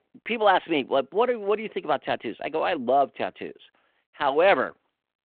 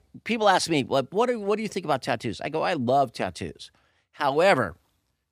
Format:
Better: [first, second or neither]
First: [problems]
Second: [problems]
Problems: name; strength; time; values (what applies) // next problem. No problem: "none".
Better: second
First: phone-call audio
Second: none